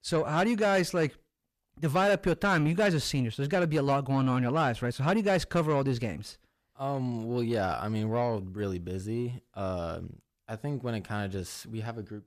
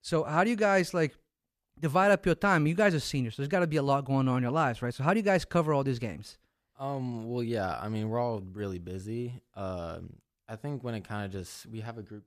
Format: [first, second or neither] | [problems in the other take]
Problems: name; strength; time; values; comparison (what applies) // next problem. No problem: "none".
second | distortion; slight; 10 dB below the speech